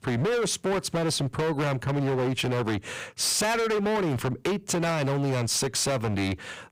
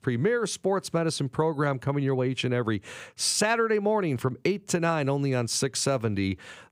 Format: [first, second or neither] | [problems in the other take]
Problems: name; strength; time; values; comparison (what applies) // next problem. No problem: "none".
second | distortion; heavy; 31% of the sound clipped